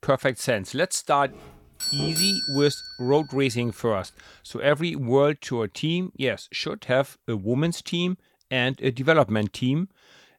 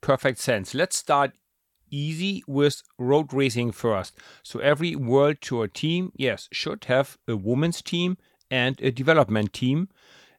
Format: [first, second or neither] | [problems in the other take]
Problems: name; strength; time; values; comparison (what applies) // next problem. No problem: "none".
second | doorbell; loud; from 2 to 3 s; peak 3 dB above the speech